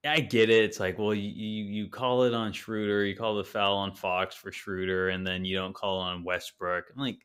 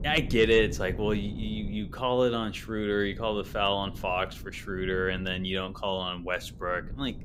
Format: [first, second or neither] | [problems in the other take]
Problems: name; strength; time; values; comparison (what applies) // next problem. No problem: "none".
first | wind noise on the microphone; occasional gusts; 20 dB below the speech